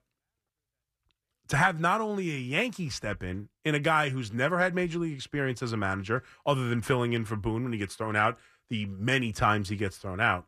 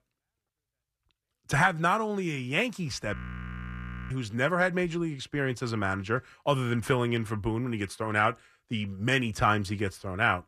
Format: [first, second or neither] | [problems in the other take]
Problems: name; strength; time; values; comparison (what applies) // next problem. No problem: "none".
first | audio freezing; at 3 s for 1 s